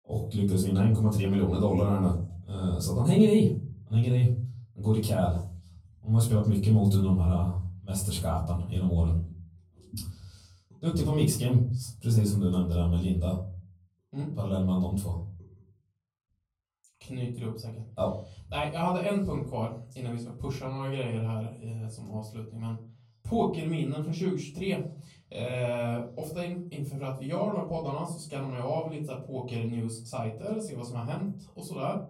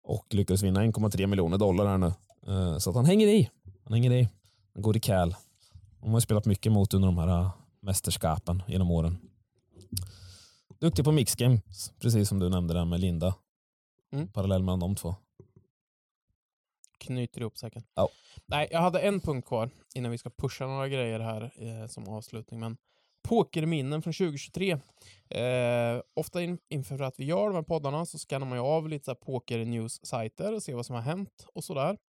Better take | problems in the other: second | off-mic speech; far // room echo; slight; dies away in 0.4 s

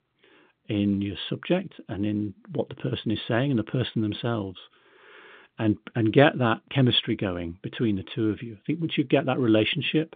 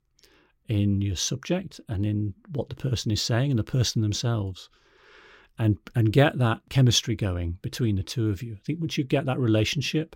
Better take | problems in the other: second | phone-call audio; nothing above 3.5 kHz

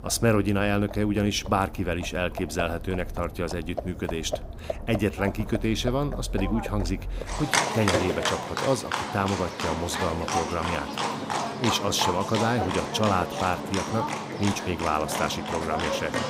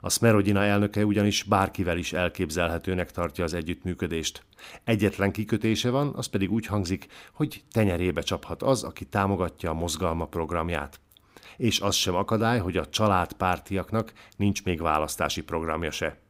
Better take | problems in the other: second | animal sounds; loud; throughout; 3 dB below the speech

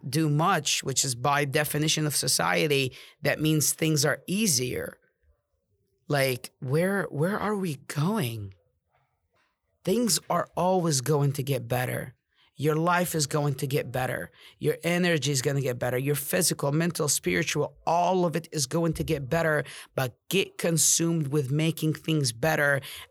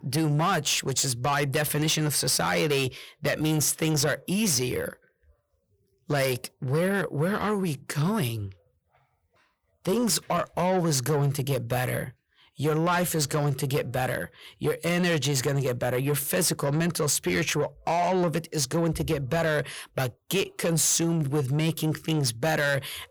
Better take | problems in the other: first | distortion; slight; 10 dB below the speech

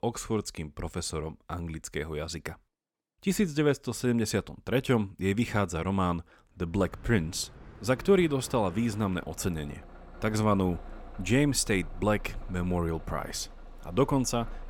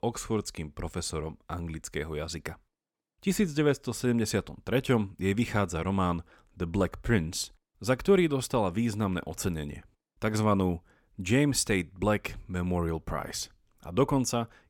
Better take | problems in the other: second | traffic noise; noticeable; from 7 s on; 20 dB below the speech

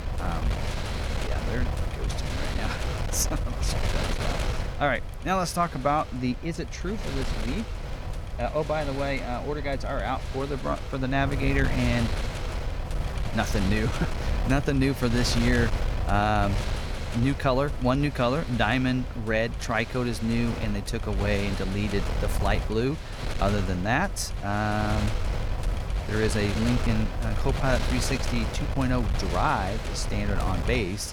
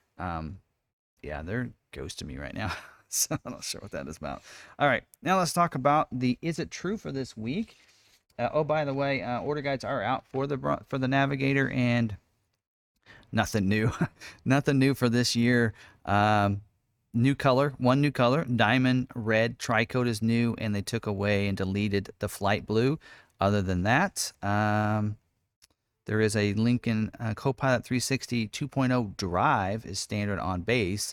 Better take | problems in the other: second | wind noise on the microphone; heavy; 7 dB below the speech

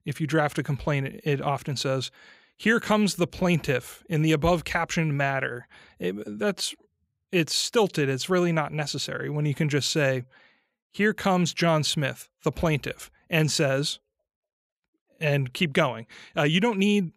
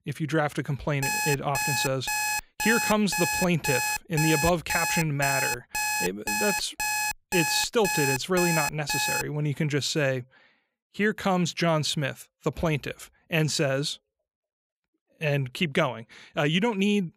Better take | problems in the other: first | alarm; loud; from 1 to 9 s; peak 1 dB above the speech

